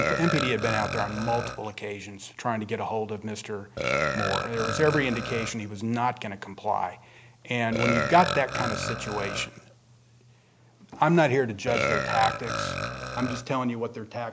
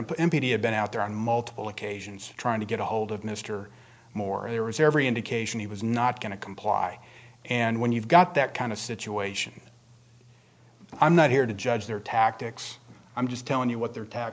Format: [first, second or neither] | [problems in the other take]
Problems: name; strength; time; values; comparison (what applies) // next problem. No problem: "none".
second | background sound (Burping, eructation); 4 dB below the speech